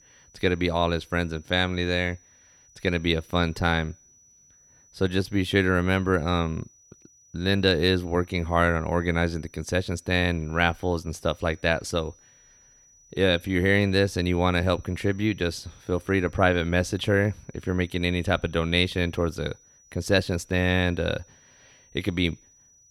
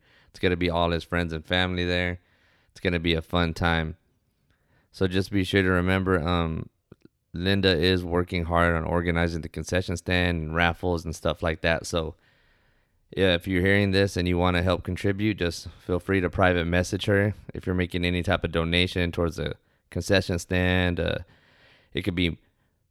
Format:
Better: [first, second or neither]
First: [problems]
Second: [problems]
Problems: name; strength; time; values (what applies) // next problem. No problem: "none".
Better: second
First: high-pitched whine; faint; throughout; 6 kHz, 30 dB below the speech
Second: none